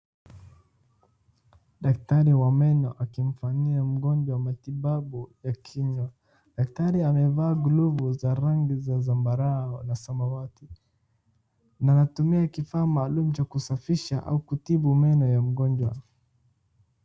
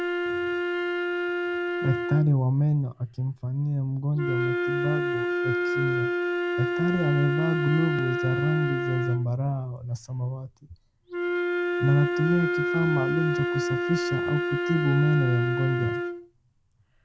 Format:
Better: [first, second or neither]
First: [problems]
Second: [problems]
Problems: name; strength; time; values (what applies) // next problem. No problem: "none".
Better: first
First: none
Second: background sound (Wind instrument, woodwind instrument); 1 dB below the speech